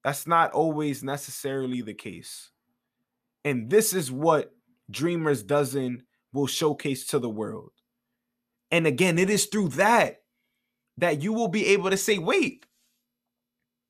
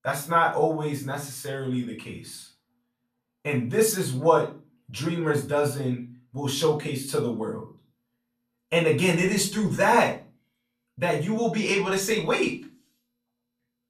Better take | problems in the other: first | off-mic speech; far // room echo; slight; dies away in 0.3 s

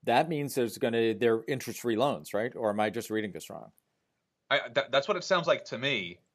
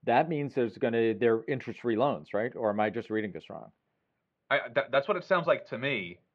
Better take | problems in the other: first | muffled; very; fading above 2.5 kHz

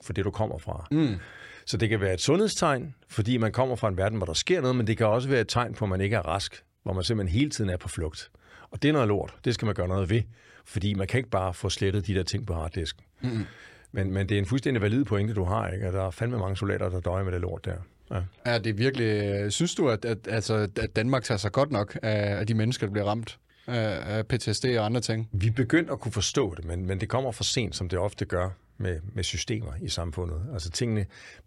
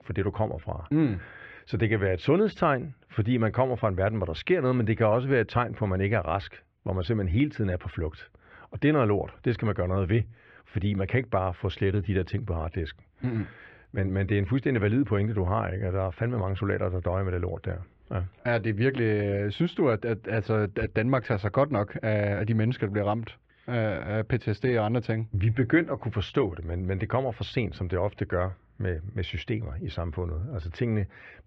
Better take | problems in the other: first | muffled; very; fading above 2.5 kHz

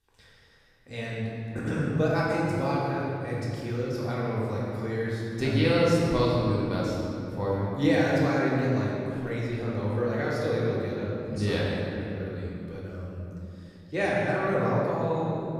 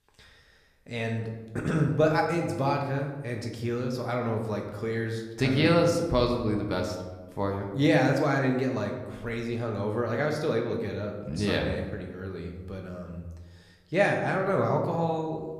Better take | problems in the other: second | room echo; strong; dies away in 2.6 s; slight in the second // off-mic speech; far

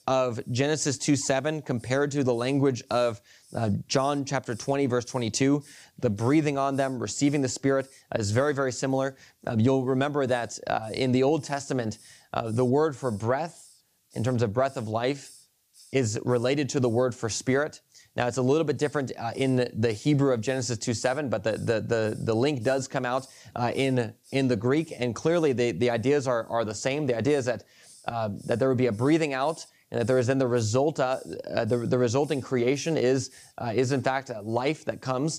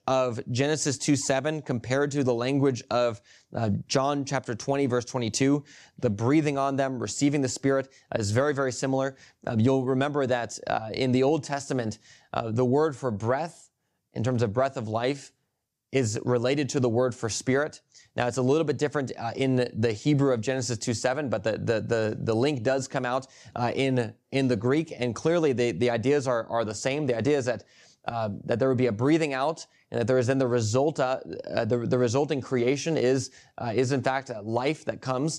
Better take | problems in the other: second | hiss; faint; throughout; 30 dB below the speech

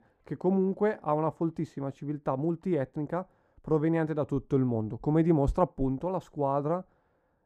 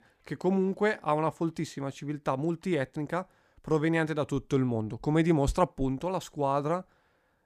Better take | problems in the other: second | muffled; slightly; fading above 1.5 kHz

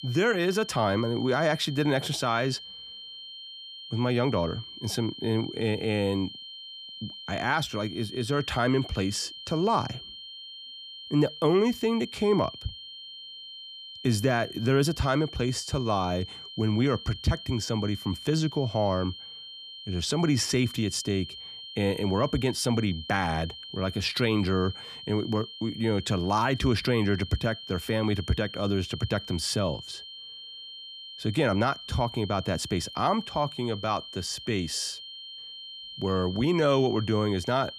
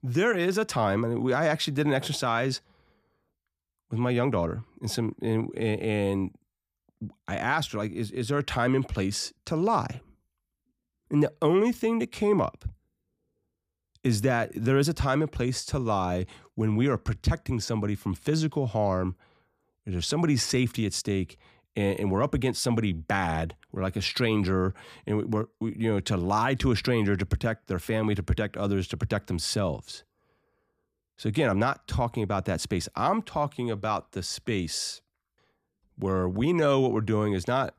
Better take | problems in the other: second | high-pitched whine; noticeable; throughout; 3 kHz, 10 dB below the speech

